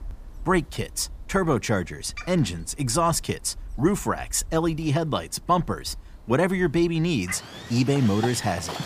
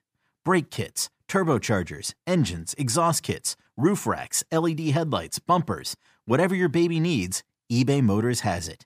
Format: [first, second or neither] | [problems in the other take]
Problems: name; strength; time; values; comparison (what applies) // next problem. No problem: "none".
second | animal sounds; noticeable; throughout; 15 dB below the speech